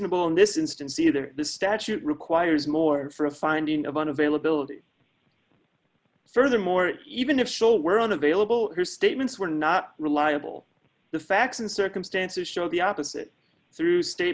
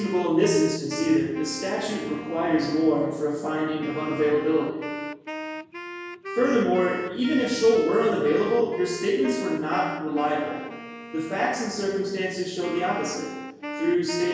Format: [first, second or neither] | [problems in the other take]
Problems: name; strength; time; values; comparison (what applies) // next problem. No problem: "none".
first | background sound (Wind instrument, woodwind instrument); 12 dB below the speech // room echo; dies away in 1 s